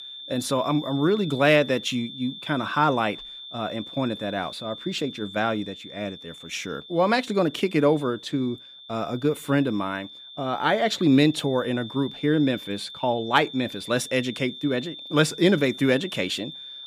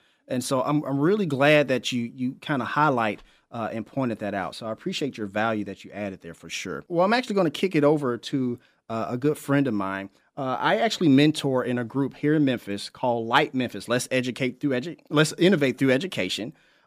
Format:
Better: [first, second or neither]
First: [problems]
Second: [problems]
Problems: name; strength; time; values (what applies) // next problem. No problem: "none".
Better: second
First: high-pitched whine; noticeable; throughout; 3.5 kHz, 15 dB below the speech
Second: none